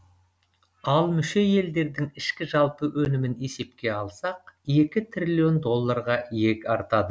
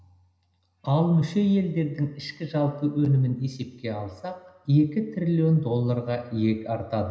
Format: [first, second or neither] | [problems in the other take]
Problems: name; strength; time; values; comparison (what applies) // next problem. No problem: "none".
first | room echo; dies away in 0.9 s